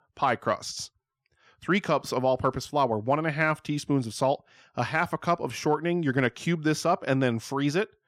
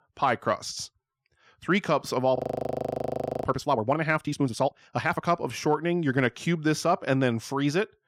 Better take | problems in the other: first | audio freezing; at 2.5 s for 1 s

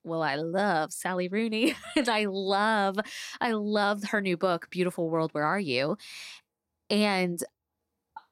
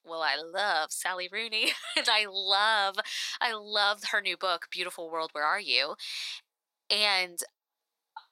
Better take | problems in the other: first | thin; very; fading below 850 Hz

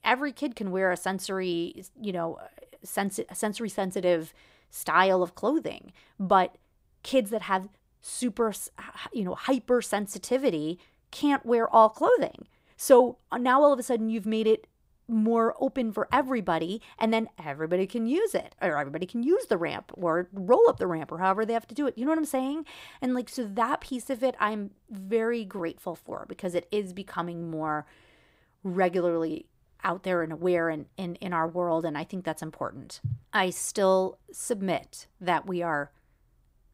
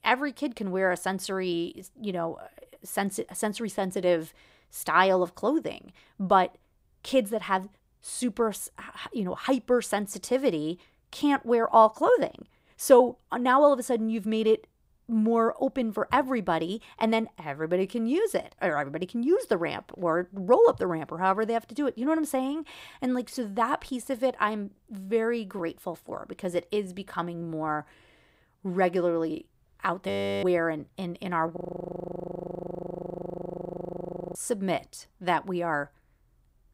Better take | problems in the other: first | audio freezing; at 30 s and at 32 s for 3 s

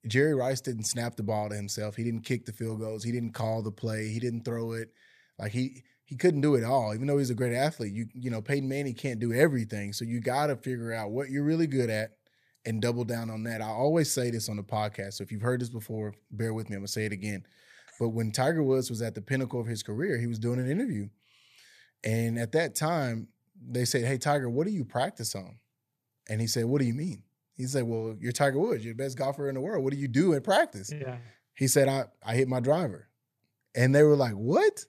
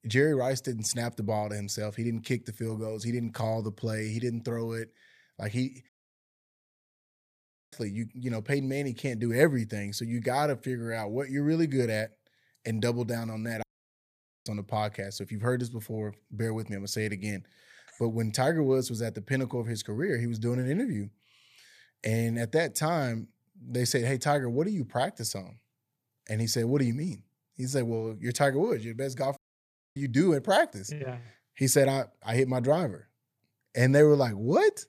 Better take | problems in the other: first | audio cutting out; at 6 s for 2 s, at 14 s for 1 s and at 29 s for 0.5 s

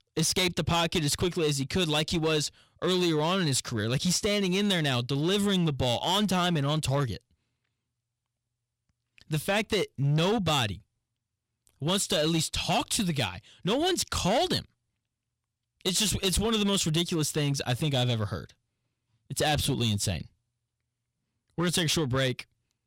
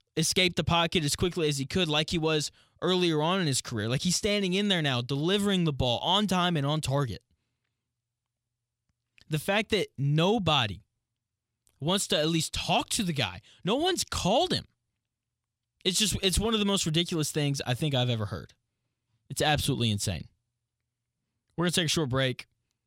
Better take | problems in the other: second | distortion; slight; 8% of the sound clipped

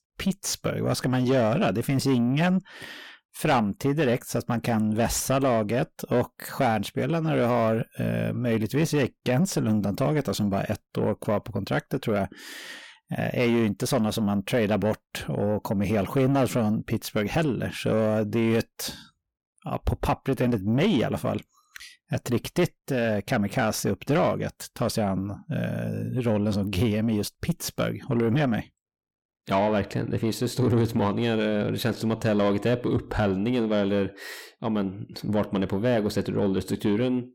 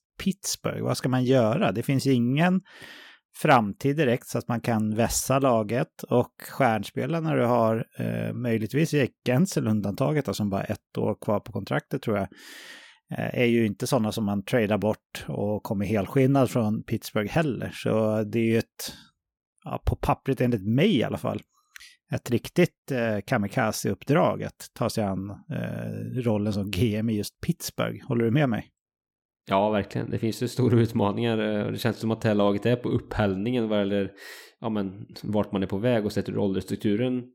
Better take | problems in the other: second | distortion; slight; 10 dB below the speech

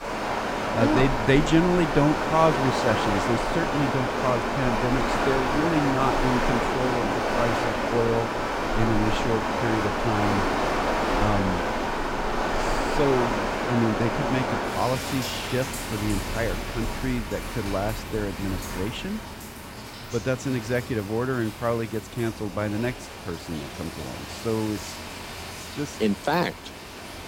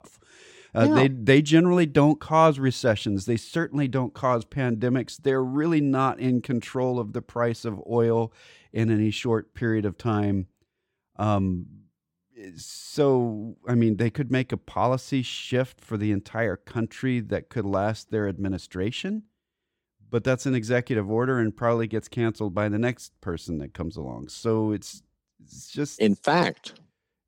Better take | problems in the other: second | rain or running water; loud; throughout; as loud as the speech

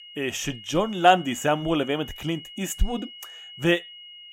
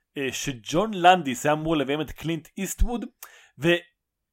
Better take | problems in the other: second | high-pitched whine; noticeable; throughout; 3 kHz, 15 dB below the speech

